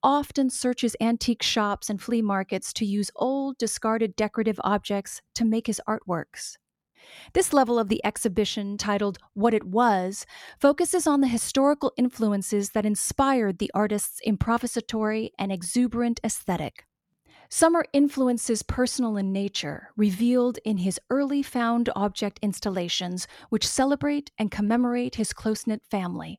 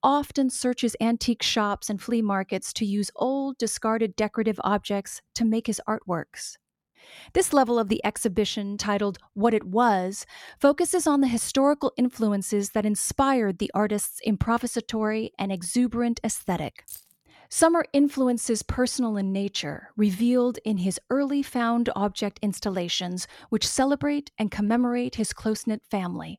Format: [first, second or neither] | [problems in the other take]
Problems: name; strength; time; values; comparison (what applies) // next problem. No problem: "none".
first | jangling keys; faint; at 17 s; peak 15 dB below the speech